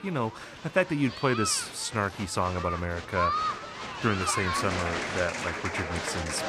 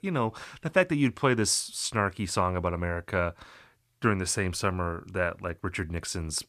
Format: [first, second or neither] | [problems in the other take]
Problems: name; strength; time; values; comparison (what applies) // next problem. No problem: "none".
second | crowd noise; loud; throughout; 2 dB below the speech